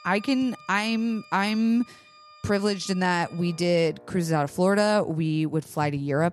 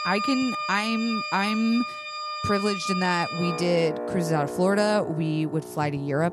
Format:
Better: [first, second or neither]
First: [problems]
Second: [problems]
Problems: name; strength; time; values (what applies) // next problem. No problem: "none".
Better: first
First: background music; faint; throughout; 25 dB below the speech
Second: background music; loud; throughout; 6 dB below the speech